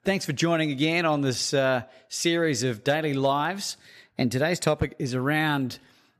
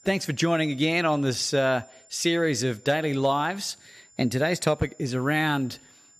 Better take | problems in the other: first | high-pitched whine; faint; throughout; 7 kHz, 30 dB below the speech

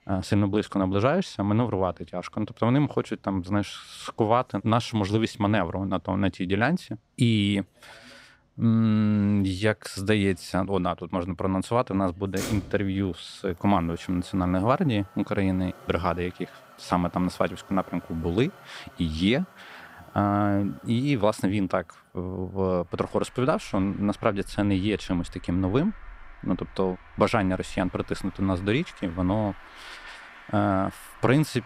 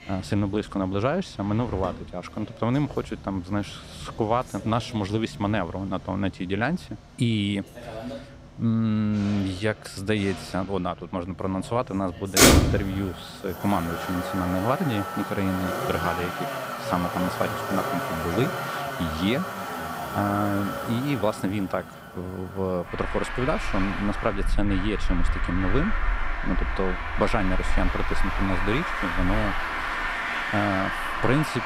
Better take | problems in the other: first | traffic noise; loud; throughout; as loud as the speech; faint in the first

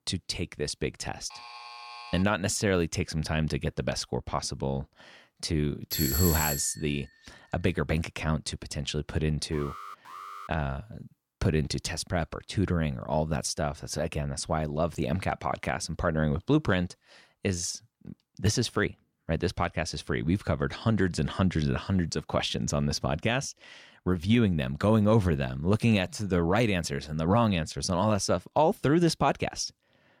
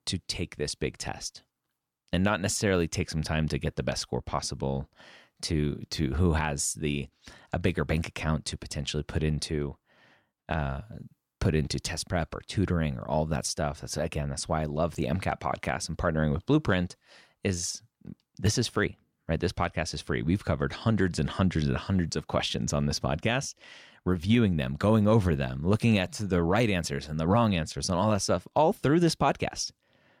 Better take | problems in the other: second | alarm; faint; at 1.5 s and at 9.5 s; peak 15 dB below the speech // doorbell; loud; at 6 s; peak 1 dB above the speech

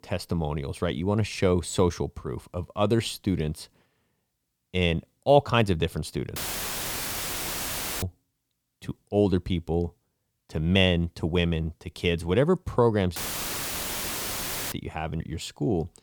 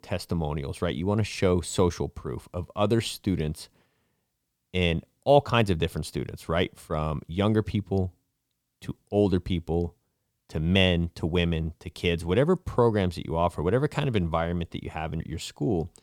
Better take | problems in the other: second | audio cutting out; filled with static; at 6.5 s for 1.5 s and at 13 s for 1.5 s

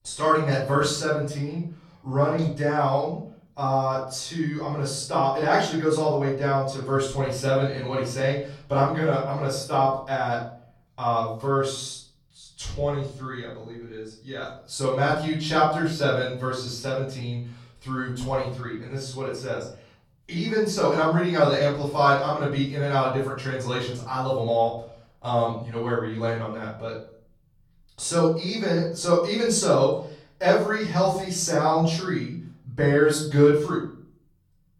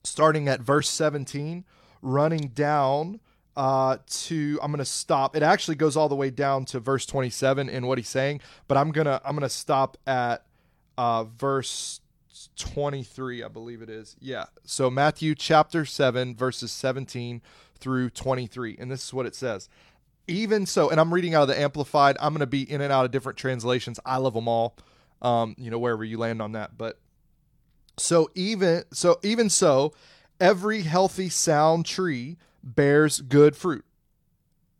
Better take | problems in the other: second | off-mic speech; far // room echo; noticeable; dies away in 0.5 s

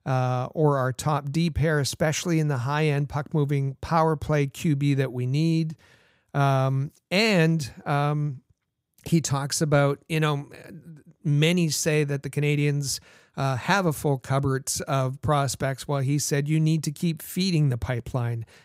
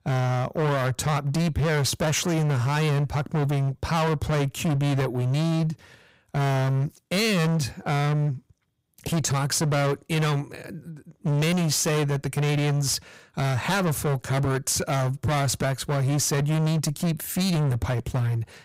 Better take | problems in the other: first | distortion; heavy; 31% of the sound clipped

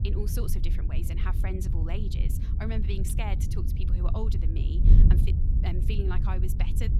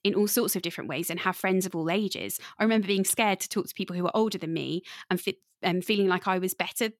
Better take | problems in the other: second | wind noise on the microphone; heavy; 3 dB below the speech

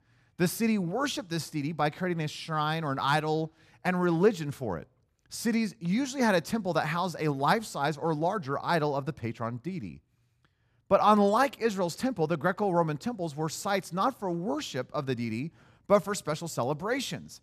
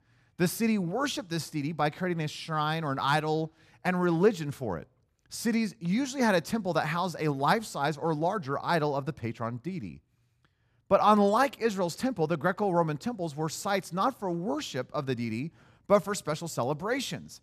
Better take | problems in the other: neither | none

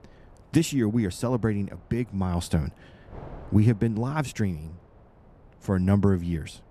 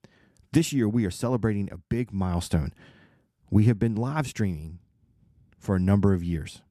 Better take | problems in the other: second | wind noise on the microphone; occasional gusts; 25 dB below the speech

